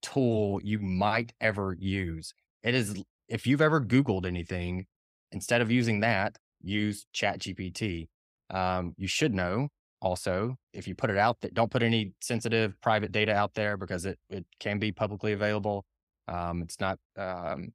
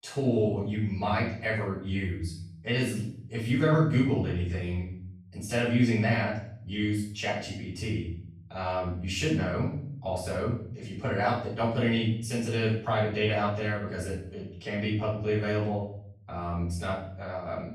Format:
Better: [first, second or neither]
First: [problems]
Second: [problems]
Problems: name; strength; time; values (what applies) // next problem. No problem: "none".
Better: first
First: none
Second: off-mic speech; far // room echo; noticeable; dies away in 0.7 s